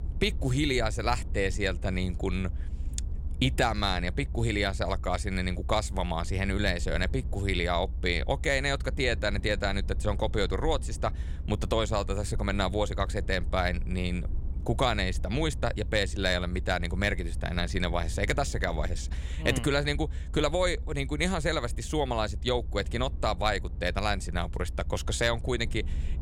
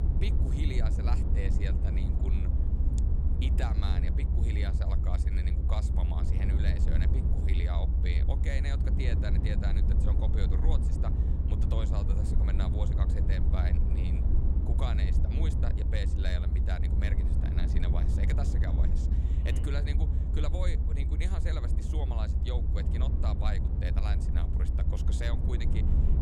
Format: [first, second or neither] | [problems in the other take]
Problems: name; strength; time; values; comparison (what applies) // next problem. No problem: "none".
first | low rumble; loud; throughout; 2 dB below the speech; faint in the first